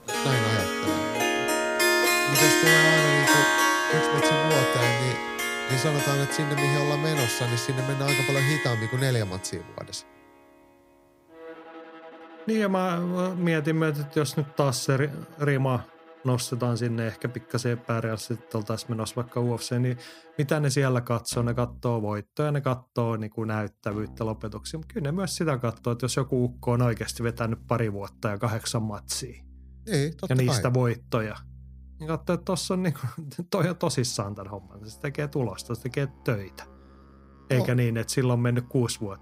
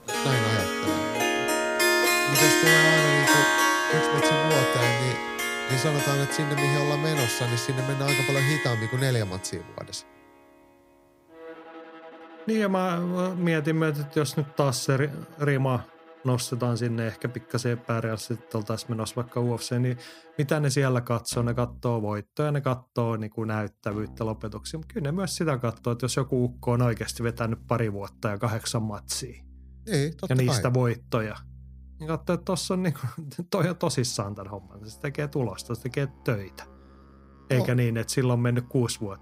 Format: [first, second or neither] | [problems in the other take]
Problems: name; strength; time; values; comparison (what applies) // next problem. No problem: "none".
neither | background music; very loud; throughout; 4 dB above the speech; the same in both